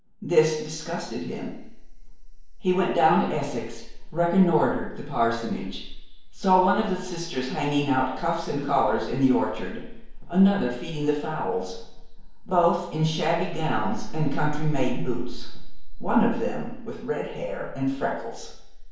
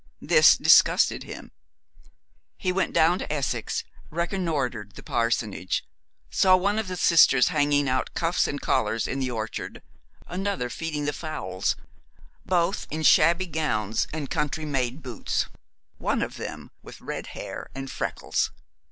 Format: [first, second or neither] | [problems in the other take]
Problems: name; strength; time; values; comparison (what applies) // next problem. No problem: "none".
second | room echo; dies away in 1 s